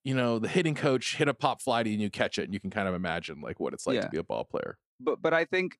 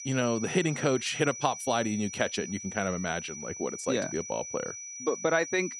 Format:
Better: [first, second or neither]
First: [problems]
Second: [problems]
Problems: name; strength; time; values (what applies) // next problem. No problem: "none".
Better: first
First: none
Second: high-pitched whine; loud; throughout; 6 kHz, 8 dB below the speech